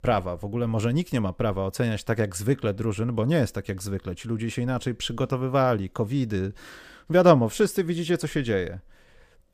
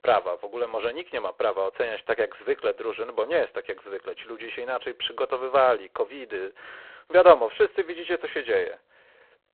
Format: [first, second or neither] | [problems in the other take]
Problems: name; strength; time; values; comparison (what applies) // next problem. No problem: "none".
first | phone-call audio; poor line